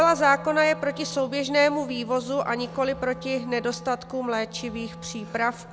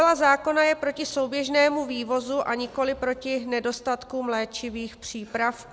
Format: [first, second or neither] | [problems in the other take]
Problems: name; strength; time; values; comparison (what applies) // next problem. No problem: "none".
second | background sound (Wind instrument, woodwind instrument); 15 dB below the speech